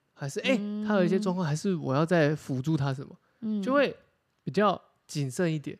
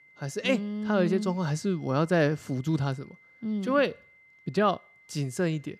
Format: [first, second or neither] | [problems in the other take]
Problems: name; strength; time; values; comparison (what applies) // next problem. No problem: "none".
first | high-pitched whine; faint; throughout; 2 kHz, 30 dB below the speech